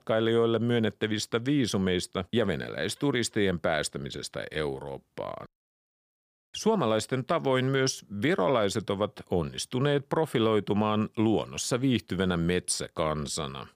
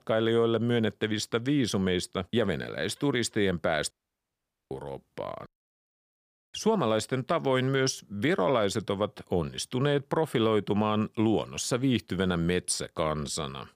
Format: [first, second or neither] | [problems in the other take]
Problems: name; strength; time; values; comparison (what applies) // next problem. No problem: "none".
first | audio cutting out; at 4 s for 1 s